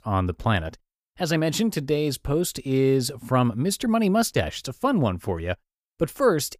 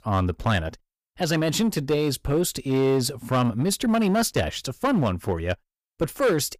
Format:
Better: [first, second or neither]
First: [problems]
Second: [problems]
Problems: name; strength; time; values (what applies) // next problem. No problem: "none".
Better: first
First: none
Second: distortion; slight; 7% of the sound clipped